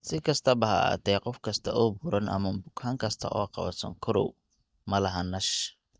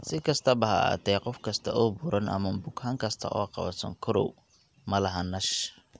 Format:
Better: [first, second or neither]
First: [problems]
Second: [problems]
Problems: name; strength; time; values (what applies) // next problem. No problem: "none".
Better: second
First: noise reduction (neural mask model DeepFilterNet 3)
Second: none